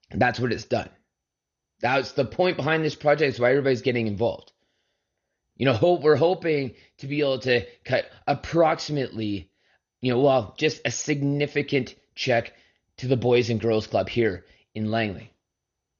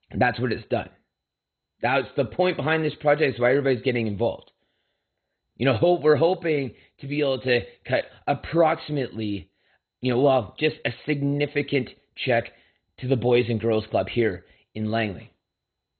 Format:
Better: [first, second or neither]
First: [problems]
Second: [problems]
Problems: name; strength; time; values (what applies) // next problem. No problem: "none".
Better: first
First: garbled, watery; slightly; nothing above 6.5 kHz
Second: garbled, watery; badly; nothing above 4 kHz